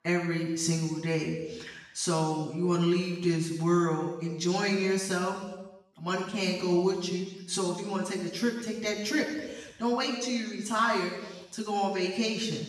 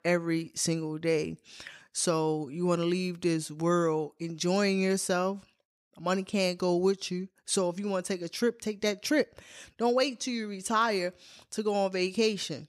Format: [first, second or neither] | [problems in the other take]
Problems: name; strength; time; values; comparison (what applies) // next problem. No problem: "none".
second | room echo; noticeable; dies away in 1 s // off-mic speech; far